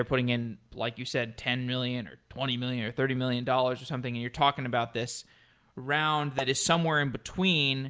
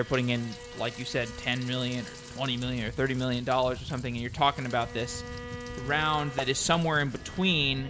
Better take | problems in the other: first | background sound (Bowed string instrument + Rain); 12 dB below the speech

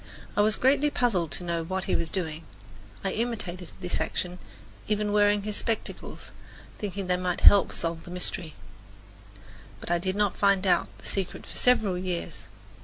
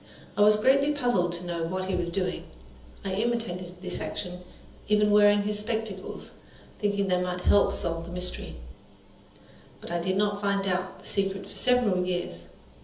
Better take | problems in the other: first | room echo; dies away in 0.7 s

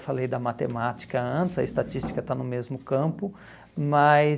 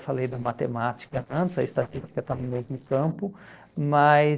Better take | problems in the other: first | noise reduction (neural separator model SepFormer DNS4)

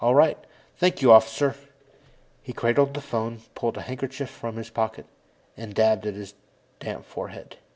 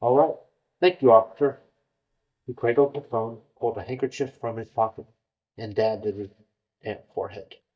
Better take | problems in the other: first | noise reduction (neural mask model DeepFilterNet 3)

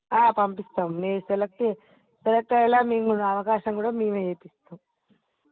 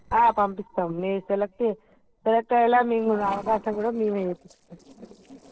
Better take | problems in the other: first | noise reduction (neural separator model SepFormer DNS4)

